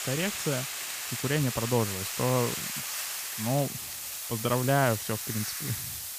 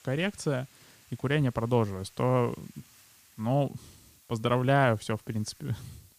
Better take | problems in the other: second | hiss; loud; throughout; 3 dB below the speech; faint in the second

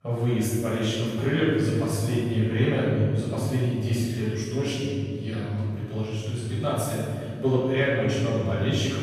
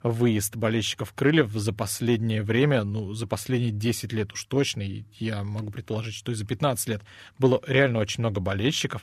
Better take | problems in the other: second | room echo; strong; dies away in 2.9 s // off-mic speech; far

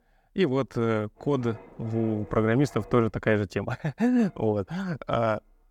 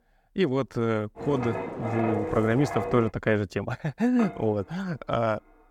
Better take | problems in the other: first | wind noise on the microphone; heavy; from 1 to 3 s and from 4 s on; 4 dB below the speech; occasional gusts in the first

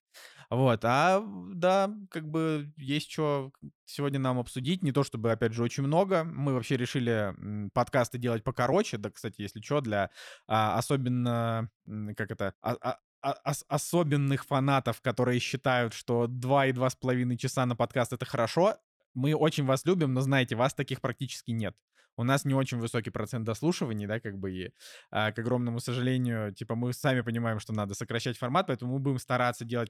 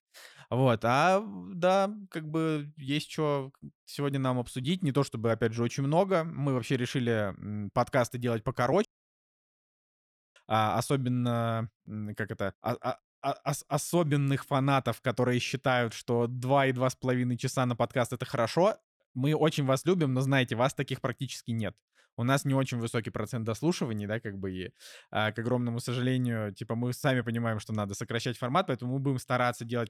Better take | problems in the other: first | audio cutting out; at 9 s for 1.5 s

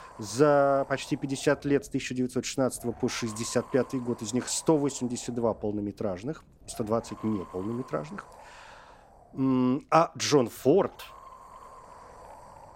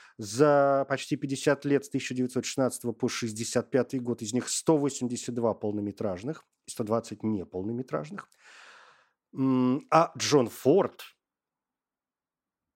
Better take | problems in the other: second | wind noise on the microphone; occasional gusts; 20 dB below the speech

